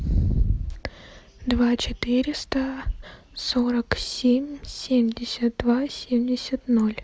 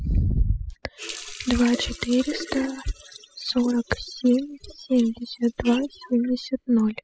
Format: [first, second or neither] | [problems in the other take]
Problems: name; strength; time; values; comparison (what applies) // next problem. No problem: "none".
first | noise reduction (classical method spectral subtraction)